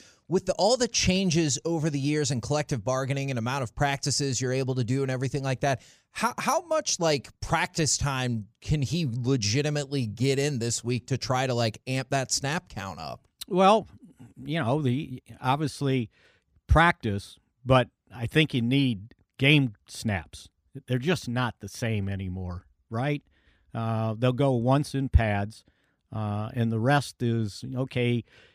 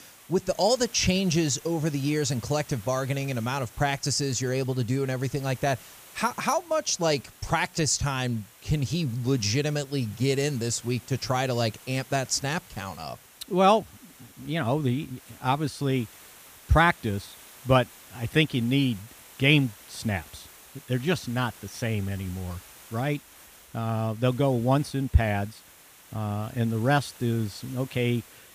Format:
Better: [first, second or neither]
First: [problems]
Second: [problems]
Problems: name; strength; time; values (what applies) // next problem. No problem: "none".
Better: first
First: none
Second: hiss; faint; throughout; 20 dB below the speech